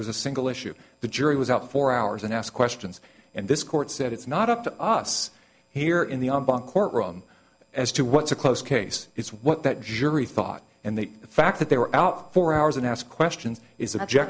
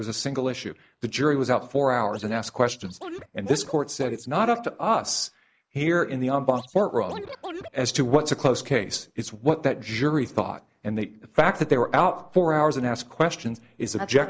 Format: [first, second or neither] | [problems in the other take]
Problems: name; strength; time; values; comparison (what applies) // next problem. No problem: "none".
first | noise reduction (neural mask model Resemble Enhance denoiser)